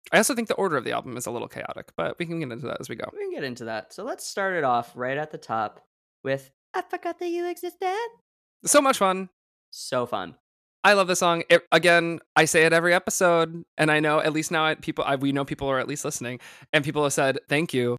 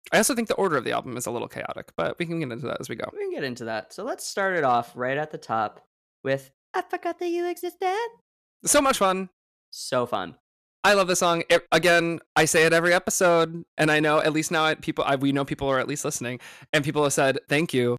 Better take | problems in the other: first | distortion; slight; 2% of the sound clipped

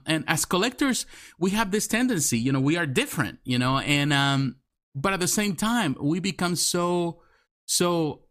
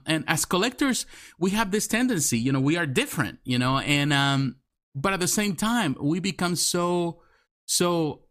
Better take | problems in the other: neither | none

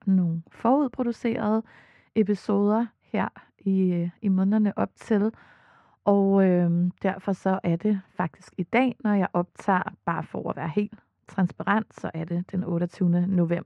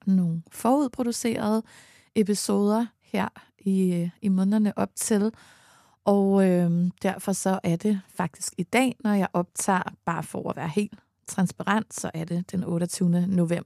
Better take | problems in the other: second | muffled; very; fading above 2 kHz

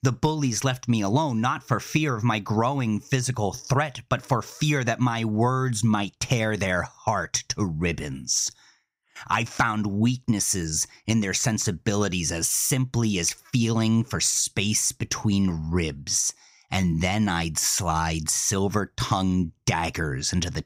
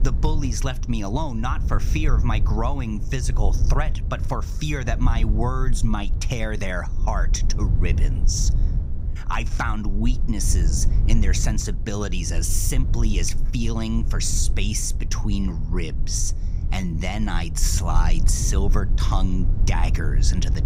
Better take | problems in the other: first | low rumble; noticeable; throughout; 15 dB below the speech

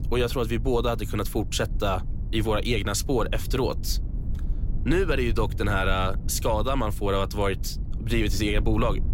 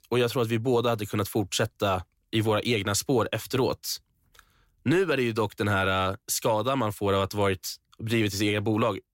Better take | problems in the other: second | low rumble; noticeable; throughout; 20 dB below the speech

